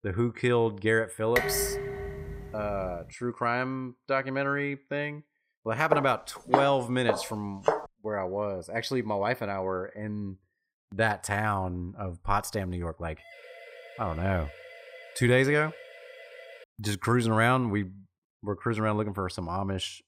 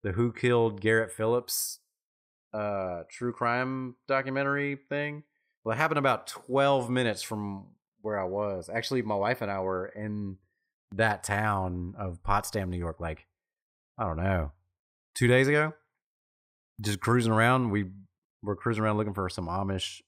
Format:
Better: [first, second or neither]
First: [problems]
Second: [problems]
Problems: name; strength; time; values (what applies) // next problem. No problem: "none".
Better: second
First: clattering dishes; loud; from 1.5 to 3 s; peak 1 dB above the speech // footsteps; loud; from 6 to 8 s; peak 1 dB above the speech // siren; faint; from 13 to 17 s; peak 15 dB below the speech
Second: none